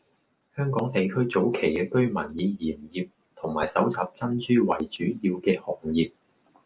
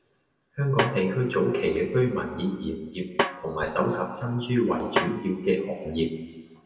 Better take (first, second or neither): first